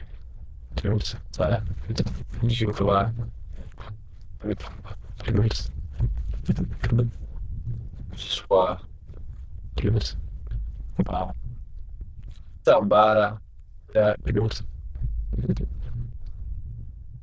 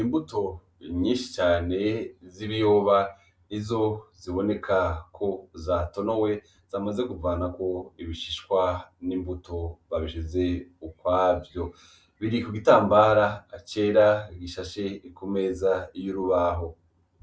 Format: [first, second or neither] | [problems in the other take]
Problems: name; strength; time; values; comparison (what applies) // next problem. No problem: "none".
second | noise reduction (neural diffusion model UNIVERSE++)